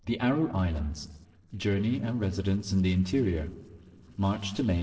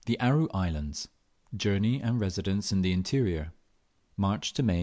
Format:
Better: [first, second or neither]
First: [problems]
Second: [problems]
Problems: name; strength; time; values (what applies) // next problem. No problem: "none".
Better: second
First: noise reduction (neural separator model SepFormer DNS4)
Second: none